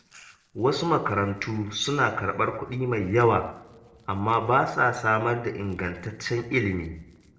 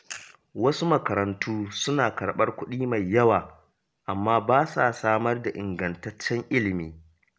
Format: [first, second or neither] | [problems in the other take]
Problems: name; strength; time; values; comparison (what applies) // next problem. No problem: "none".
second | noise reduction (neural separator model SepFormer DNS4)